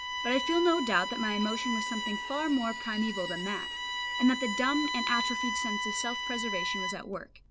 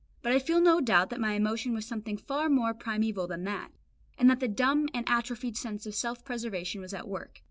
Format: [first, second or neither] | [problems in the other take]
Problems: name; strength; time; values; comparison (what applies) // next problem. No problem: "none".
second | background sound (Bowed string instrument); 3 dB below the speech